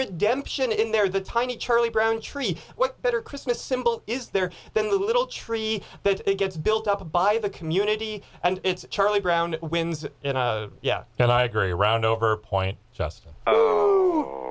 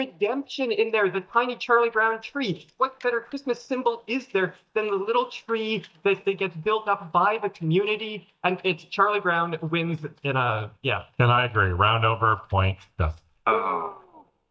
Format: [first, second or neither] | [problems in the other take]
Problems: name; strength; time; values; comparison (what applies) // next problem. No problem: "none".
first | noise reduction (neural mask model DeepFilterNet 3)